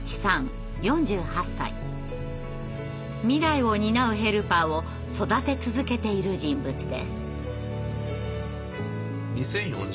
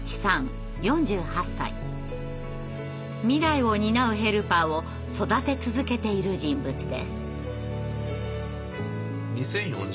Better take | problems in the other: second | background sound (Bass guitar); 18 dB below the speech

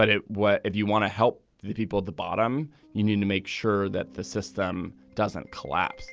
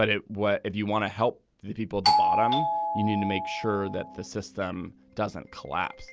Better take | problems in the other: first | background sound (Doorbell); 3 dB above the speech

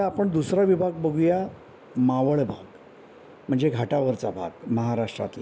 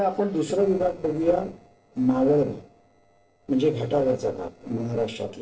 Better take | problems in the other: first | noise reduction (neural separator model SepFormer DNS4)

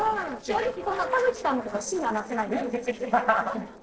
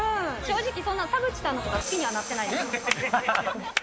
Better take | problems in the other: second | noise reduction (neural separator model SepFormer DNS4)

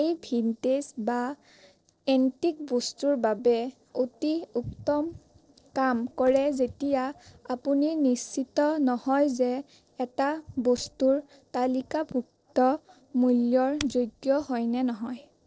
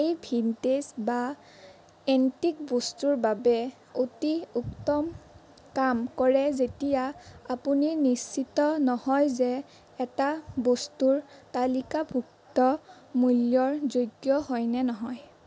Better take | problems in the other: second | noise reduction (neural separator model SepFormer DNS4)

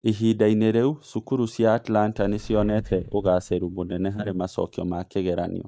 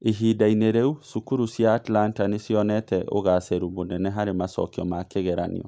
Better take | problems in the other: second | noise reduction (neural mask model DeepFilterNet 3)

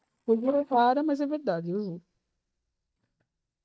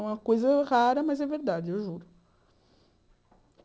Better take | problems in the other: second | noise reduction (neural mask model DeepFilterNet 3)

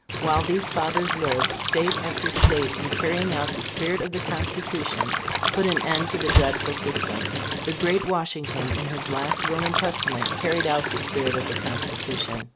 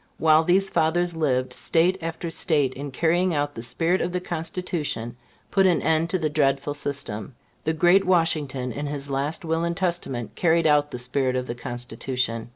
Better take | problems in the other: second | background sound (Slam + Cricket / Water); 1 dB above the speech

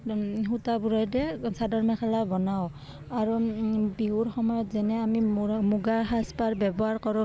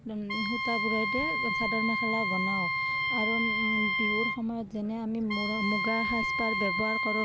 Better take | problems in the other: first | background sound (Wind instrument, woodwind instrument); 2 dB above the speech

